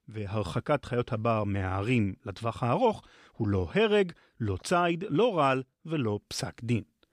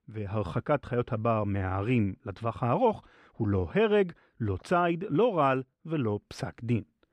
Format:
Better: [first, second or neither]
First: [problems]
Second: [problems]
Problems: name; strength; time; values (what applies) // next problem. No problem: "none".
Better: first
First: none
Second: muffled; slightly; fading above 3 kHz